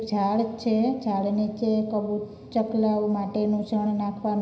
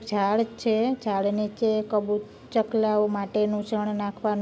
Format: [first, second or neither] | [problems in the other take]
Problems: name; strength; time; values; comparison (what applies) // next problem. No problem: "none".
second | room echo; dies away in 0.9 s